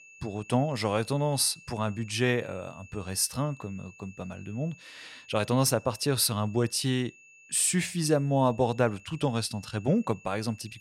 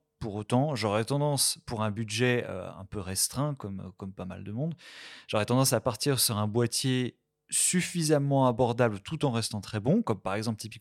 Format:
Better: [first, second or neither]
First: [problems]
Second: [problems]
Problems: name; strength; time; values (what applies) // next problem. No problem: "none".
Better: second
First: high-pitched whine; faint; throughout; 2.5 kHz, 25 dB below the speech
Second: none